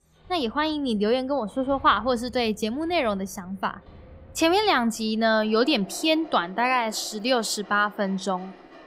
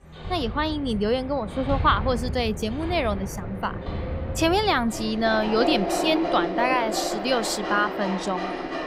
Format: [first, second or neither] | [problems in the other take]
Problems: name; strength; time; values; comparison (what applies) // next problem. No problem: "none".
first | machinery noise; loud; throughout; 5 dB below the speech; faint in the first